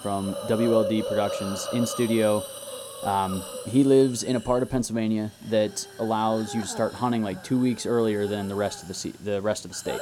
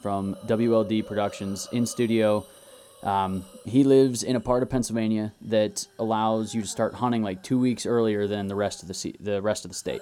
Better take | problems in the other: second | hiss; loud; throughout; 10 dB below the speech; faint in the second

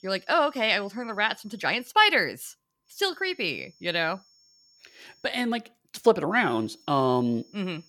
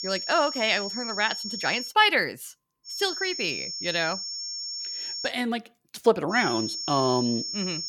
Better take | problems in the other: first | high-pitched whine; loud; until 2 s, from 3 to 5.5 s and from 6.5 s on; 5.5 kHz, 5 dB below the speech; faint in the first

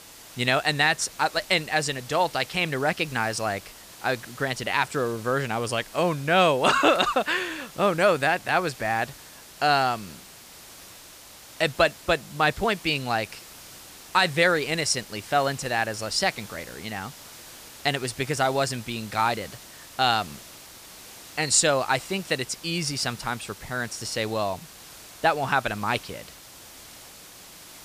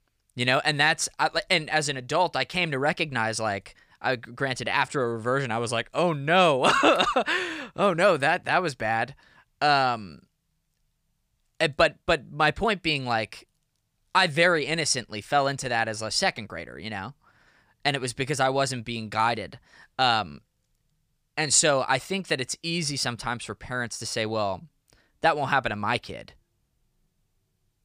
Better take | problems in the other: second | hiss; noticeable; throughout; 20 dB below the speech

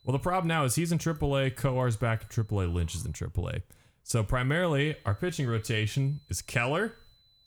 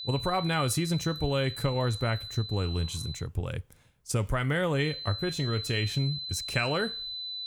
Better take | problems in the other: first | high-pitched whine; loud; until 3 s and from 5 s on; 4 kHz, 6 dB below the speech; faint in the first

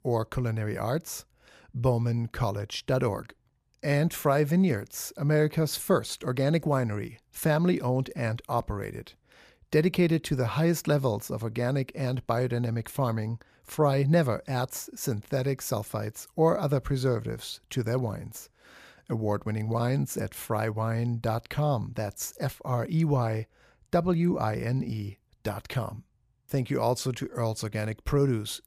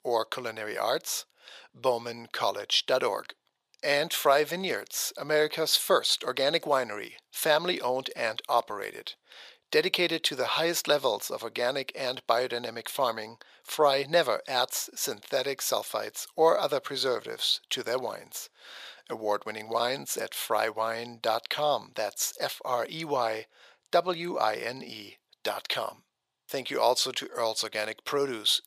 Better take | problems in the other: first | thin; very; fading below 600 Hz

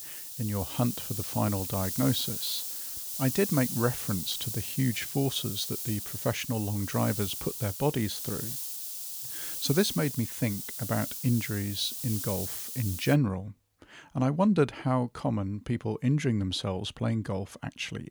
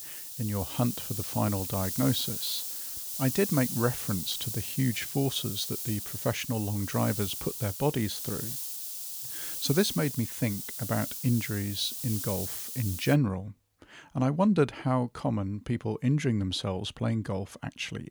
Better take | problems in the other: neither | hiss; loud; until 13 s; 4 dB below the speech; the same in both

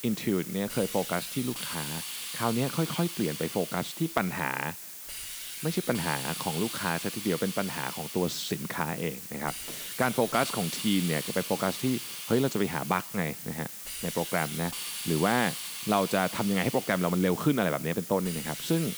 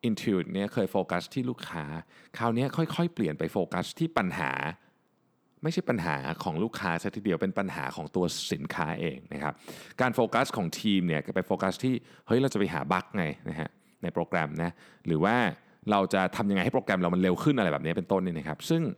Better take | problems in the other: second | hiss; loud; throughout; 6 dB below the speech

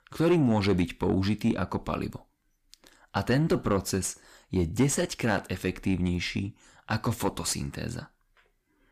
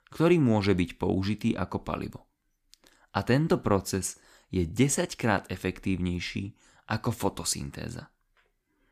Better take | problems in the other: second | distortion; slight; 10 dB below the speech

